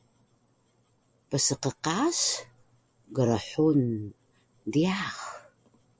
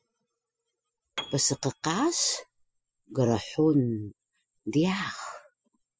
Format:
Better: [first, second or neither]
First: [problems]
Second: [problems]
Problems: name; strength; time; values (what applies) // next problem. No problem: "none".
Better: first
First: none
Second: noise reduction (classical method spectral subtraction)